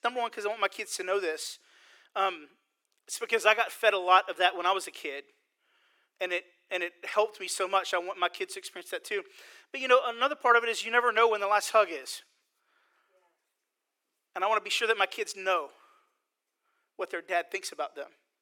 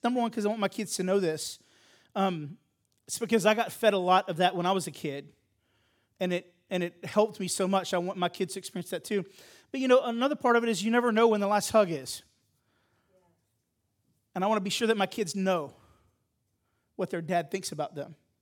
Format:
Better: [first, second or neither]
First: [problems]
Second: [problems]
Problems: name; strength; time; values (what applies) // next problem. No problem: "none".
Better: second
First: thin; very; fading below 350 Hz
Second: none